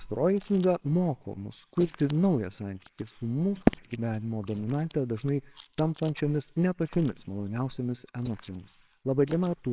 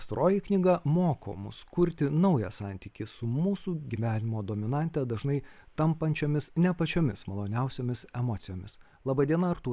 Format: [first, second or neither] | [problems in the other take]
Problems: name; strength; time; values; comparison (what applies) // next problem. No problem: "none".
second | noise reduction (neural separator model SepFormer WHAMR!)